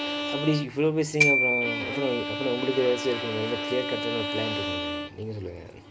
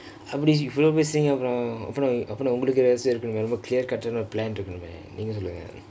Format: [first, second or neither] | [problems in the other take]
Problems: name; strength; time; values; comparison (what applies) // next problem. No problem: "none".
second | background sound (Glockenspiel + Bowed string instrument); 1 dB below the speech